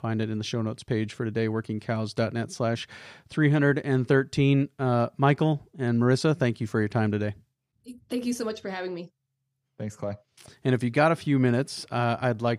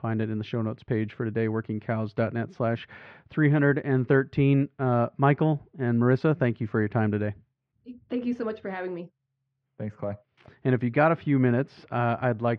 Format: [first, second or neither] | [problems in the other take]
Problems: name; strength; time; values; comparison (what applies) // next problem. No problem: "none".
first | muffled; very; fading above 2.5 kHz